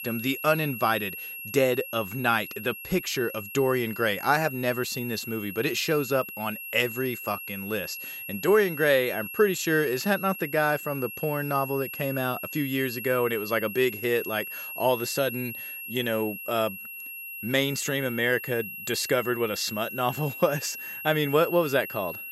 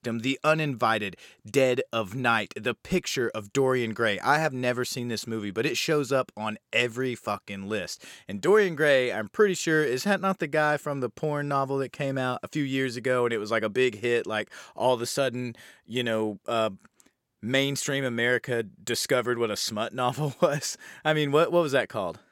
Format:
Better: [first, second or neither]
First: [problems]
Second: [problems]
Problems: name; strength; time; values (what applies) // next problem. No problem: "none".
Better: second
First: high-pitched whine; loud; throughout; 2.5 kHz, 9 dB below the speech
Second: none